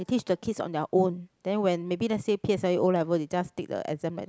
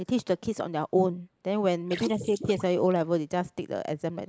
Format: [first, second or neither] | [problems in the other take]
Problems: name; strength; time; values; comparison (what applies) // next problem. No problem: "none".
first | noise reduction (neural mask model Resemble Enhance denoiser)